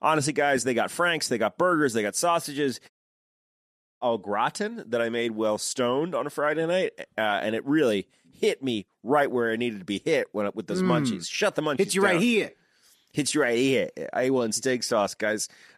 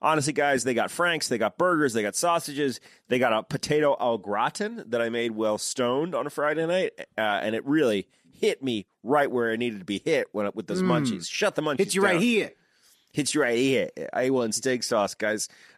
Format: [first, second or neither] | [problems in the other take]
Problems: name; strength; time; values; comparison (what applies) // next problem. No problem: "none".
second | audio cutting out; at 3 s for 1 s